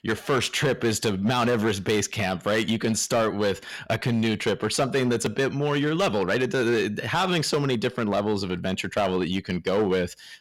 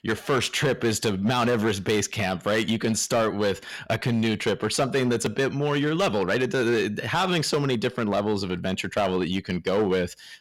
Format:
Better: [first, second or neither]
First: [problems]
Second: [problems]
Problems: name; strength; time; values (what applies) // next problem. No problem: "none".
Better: neither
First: distortion; slight; 9% of the sound clipped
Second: distortion; slight; 9% of the sound clipped